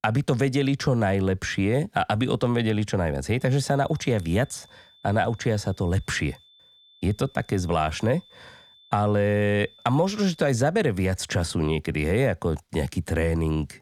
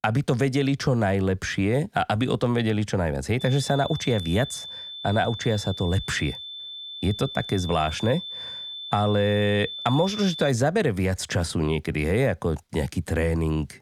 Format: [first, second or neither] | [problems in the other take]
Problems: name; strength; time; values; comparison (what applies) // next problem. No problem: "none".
first | high-pitched whine; loud; from 3.5 to 11 s; 3.5 kHz, 9 dB below the speech; faint in the first